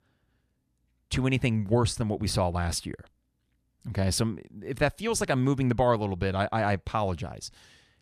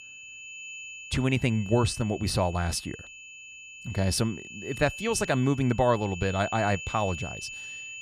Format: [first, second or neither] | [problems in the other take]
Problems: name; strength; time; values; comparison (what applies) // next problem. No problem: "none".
first | high-pitched whine; noticeable; throughout; 2.5 kHz, 10 dB below the speech